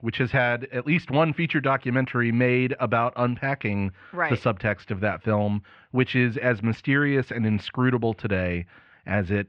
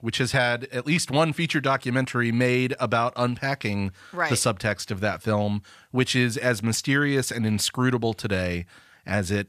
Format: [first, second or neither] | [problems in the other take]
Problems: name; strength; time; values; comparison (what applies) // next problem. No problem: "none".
second | muffled; very; fading above 2.5 kHz